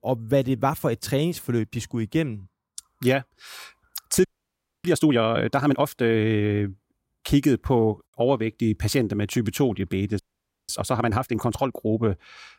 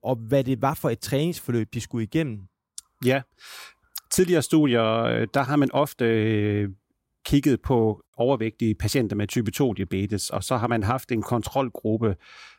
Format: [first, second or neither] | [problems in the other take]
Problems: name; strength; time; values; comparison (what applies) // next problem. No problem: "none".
second | audio freezing; at 4.5 s for 0.5 s and at 10 s for 0.5 s